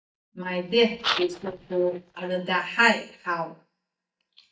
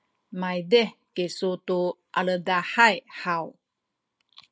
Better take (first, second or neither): second